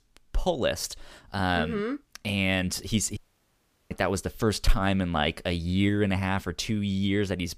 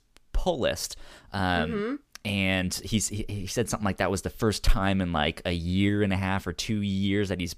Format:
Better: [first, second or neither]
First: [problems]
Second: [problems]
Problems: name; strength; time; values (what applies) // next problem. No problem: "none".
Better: second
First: audio cutting out; at 3 s for 0.5 s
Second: none